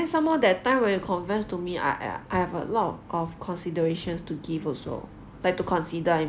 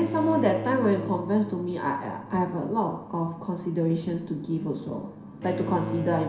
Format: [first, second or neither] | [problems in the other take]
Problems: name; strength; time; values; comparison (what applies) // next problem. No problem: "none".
first | background sound (Bowed string instrument); 10 dB below the speech // room echo; dies away in 0.7 s